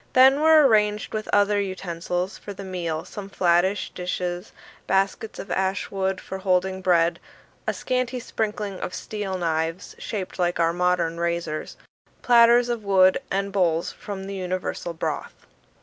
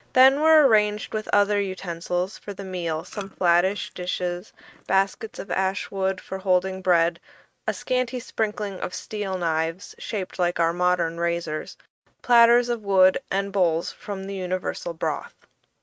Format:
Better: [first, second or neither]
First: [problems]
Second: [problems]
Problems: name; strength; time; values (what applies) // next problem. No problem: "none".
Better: first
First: none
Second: noise reduction (neural mask model RNNoise)